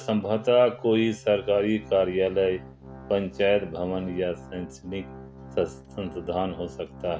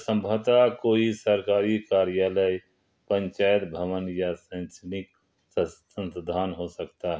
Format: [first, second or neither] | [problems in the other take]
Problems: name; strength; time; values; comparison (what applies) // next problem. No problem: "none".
second | background sound (Organ); 17 dB below the speech